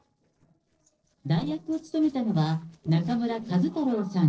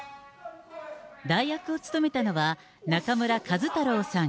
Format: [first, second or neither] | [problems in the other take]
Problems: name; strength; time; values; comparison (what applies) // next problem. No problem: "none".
second | noise reduction (neural separator model SepFormer DNS4)